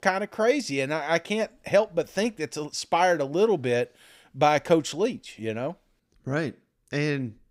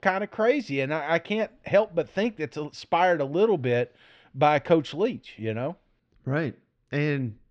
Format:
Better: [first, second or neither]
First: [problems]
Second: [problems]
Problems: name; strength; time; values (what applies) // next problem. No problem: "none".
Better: first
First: none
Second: muffled; slightly; fading above 3.5 kHz